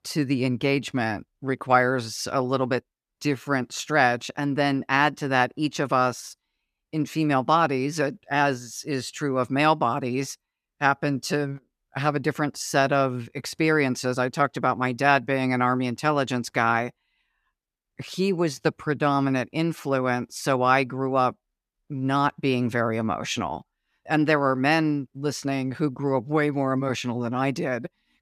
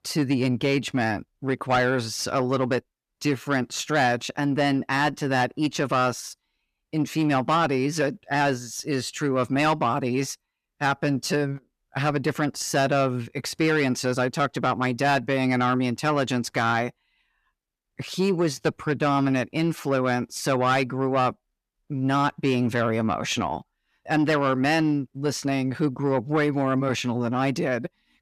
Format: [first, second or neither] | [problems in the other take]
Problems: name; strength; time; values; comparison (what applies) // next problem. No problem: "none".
first | distortion; slight; 10 dB below the speech